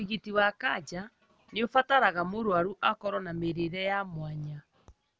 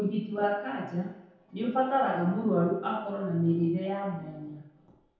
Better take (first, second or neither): first